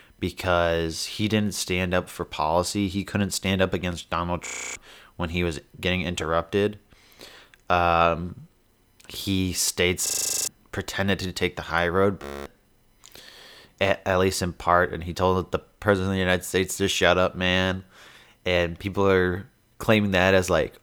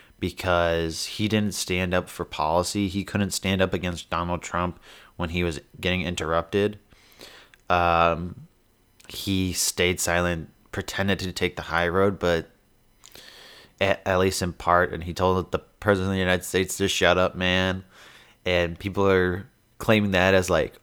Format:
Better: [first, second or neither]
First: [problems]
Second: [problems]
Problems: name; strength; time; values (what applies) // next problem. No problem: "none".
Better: second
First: audio freezing; at 4.5 s, at 10 s and at 12 s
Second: none